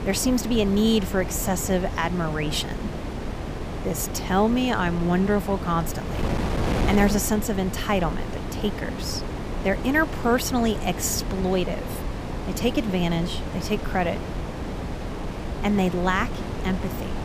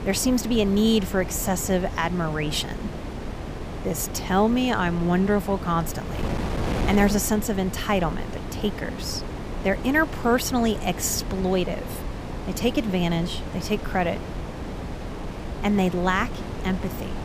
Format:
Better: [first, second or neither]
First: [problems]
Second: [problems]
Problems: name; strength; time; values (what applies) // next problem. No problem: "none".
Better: second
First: wind noise on the microphone; heavy; 8 dB below the speech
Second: wind noise on the microphone; occasional gusts; 10 dB below the speech